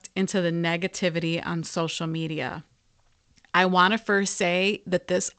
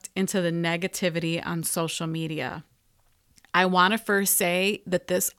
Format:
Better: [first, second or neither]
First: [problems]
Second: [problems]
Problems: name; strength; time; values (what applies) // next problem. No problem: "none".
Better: second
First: garbled, watery; slightly; nothing above 8 kHz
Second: none